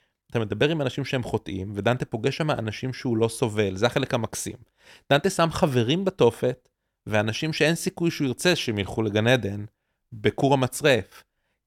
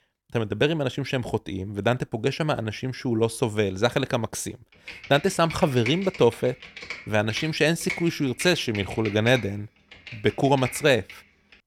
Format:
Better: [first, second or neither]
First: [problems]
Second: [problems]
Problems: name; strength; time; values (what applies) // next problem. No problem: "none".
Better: first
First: none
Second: keyboard typing; noticeable; from 5 to 11 s; peak 8 dB below the speech